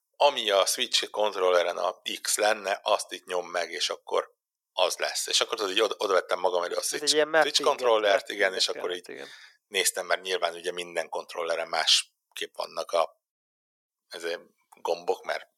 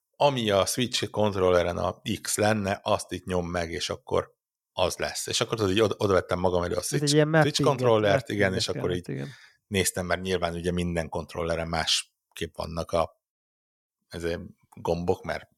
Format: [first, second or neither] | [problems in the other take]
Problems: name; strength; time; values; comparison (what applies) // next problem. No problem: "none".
second | thin; very; fading below 450 Hz